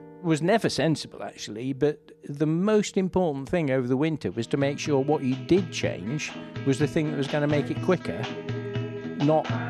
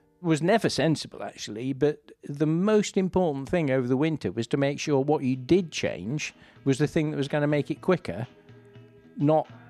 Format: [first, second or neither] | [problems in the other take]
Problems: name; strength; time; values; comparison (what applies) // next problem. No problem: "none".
second | background music; loud; throughout; 9 dB below the speech; faint in the second